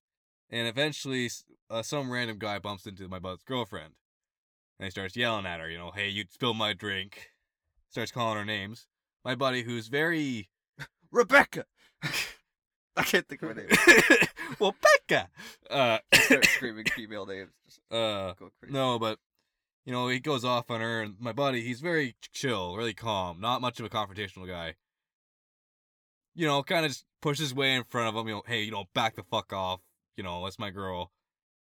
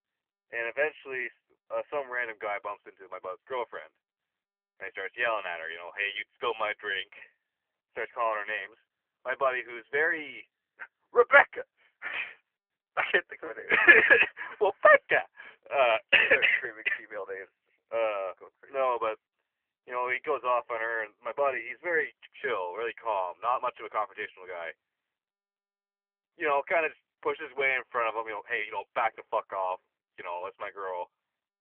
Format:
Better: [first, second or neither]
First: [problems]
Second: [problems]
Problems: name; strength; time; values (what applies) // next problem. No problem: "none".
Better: first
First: none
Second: phone-call audio; nothing above 3 kHz